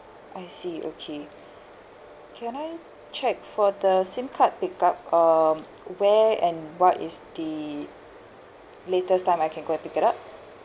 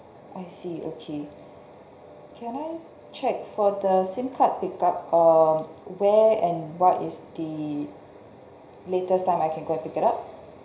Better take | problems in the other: first | room echo; dies away in 0.5 s

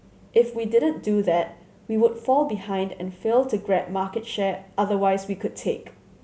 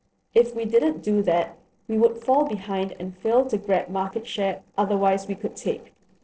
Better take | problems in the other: first | noise reduction (neural separator model SepFormer DNS4)

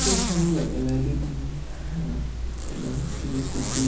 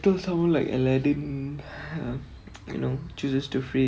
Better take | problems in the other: second | background sound (Zipper (clothing)); as loud as the speech // room echo; dies away in 0.6 s

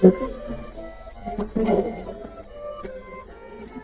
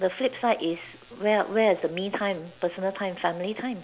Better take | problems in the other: second | noise reduction (neural mask model DeepFilterNet 3)

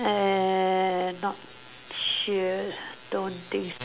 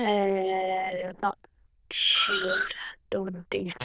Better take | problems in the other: first | noise reduction (neural diffusion model UNIVERSE++)

